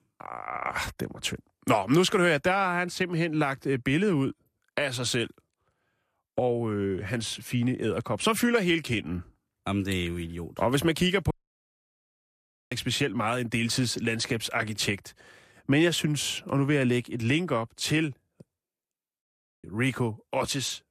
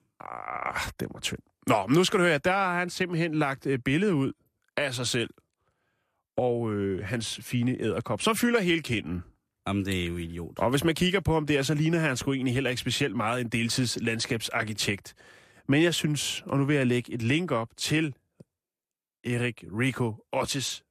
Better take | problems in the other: second | audio cutting out; at 11 s for 1.5 s and at 19 s

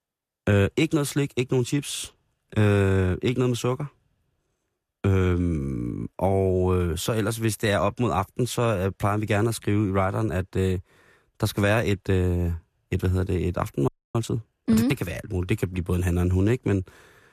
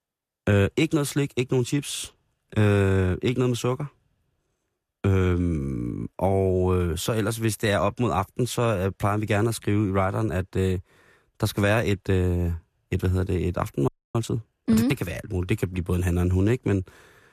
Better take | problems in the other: neither | audio freezing; at 14 s; the same in both

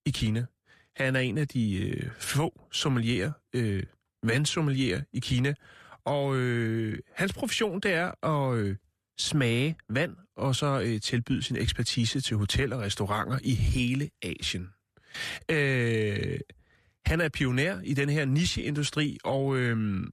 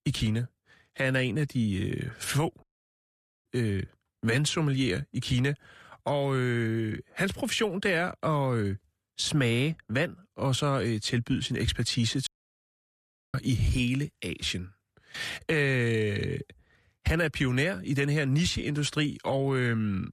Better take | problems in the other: first | audio cutting out; at 2.5 s for 1 s and at 12 s for 1 s

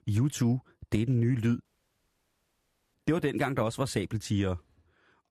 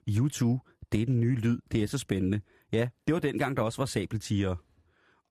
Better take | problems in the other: second | audio cutting out; at 1.5 s for 1.5 s

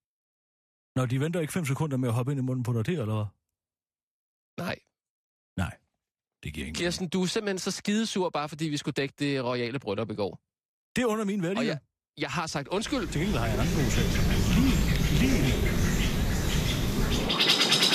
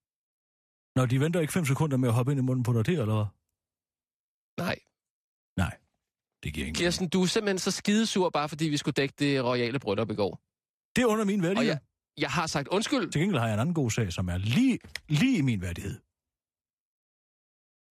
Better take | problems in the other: second | animal sounds; very loud; from 13 s on; 4 dB above the speech

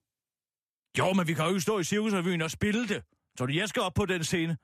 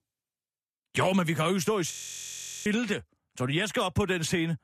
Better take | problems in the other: first | audio freezing; at 2 s for 1 s

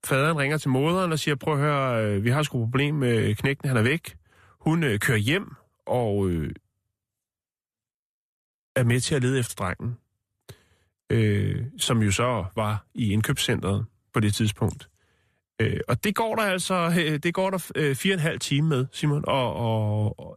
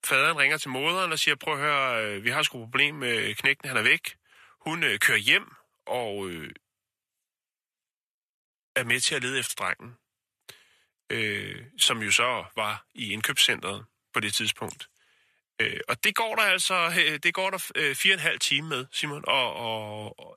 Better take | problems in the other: first | thin; somewhat; fading below 1 kHz

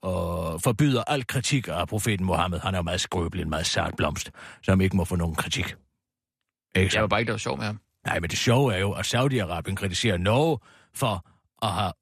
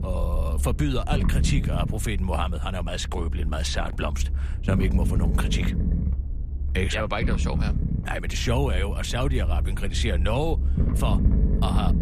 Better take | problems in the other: first | low rumble; loud; throughout; 9 dB below the speech

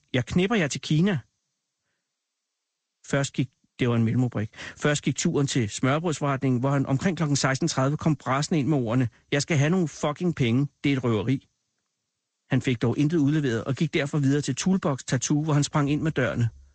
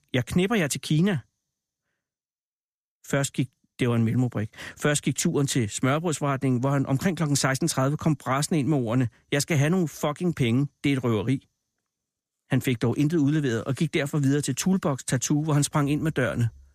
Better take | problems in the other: second | garbled, watery; slightly; nothing above 8 kHz

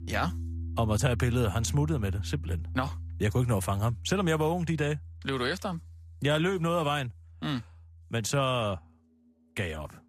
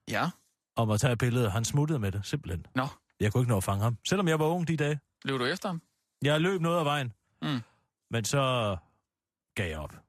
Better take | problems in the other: second | background music; loud; throughout; 10 dB below the speech

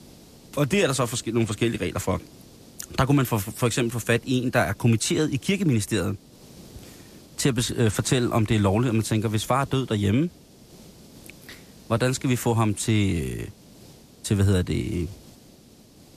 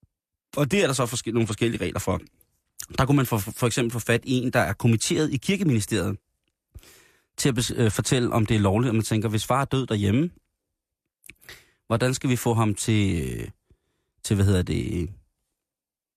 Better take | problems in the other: second | hiss; faint; throughout; 25 dB below the speech

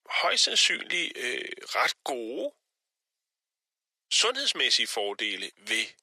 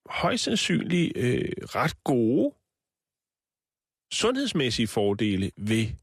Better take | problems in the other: second | thin; very; fading below 550 Hz

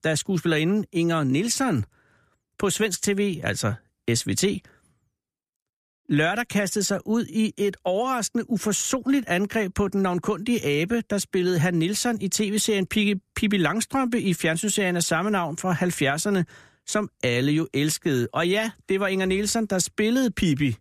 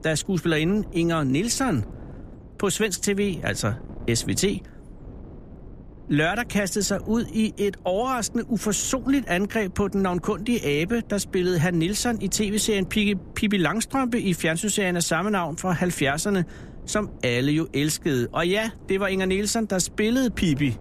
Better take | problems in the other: first | wind noise on the microphone; occasional gusts; 25 dB below the speech

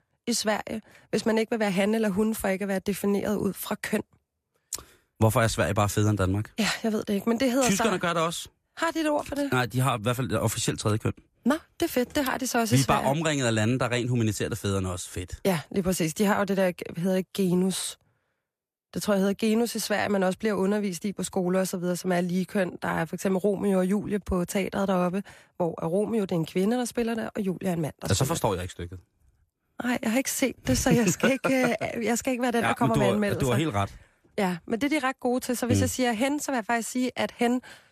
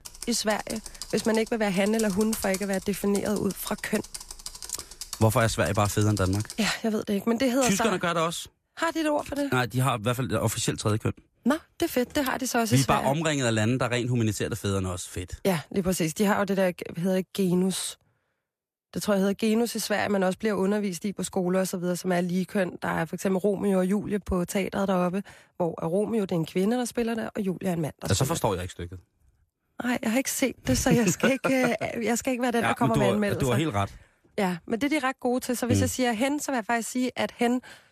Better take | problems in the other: first | keyboard typing; noticeable; until 6.5 s; peak 8 dB below the speech

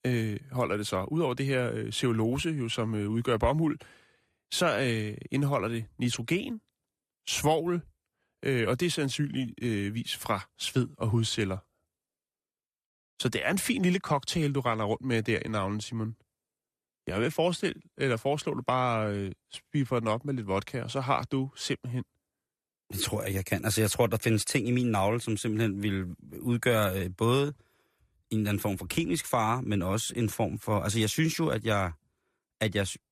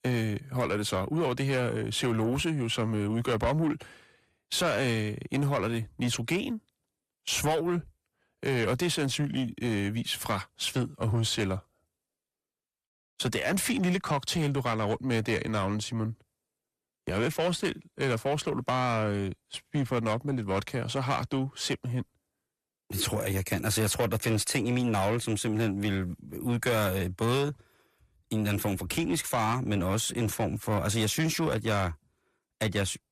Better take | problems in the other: first | distortion; slight; 10 dB below the speech

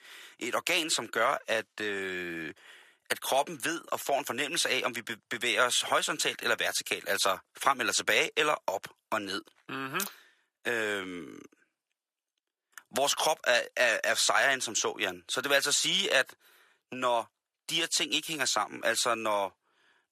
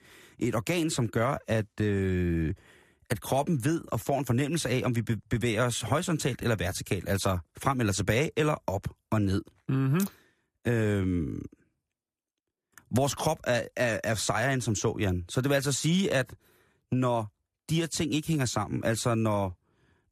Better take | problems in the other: second | thin; very; fading below 600 Hz

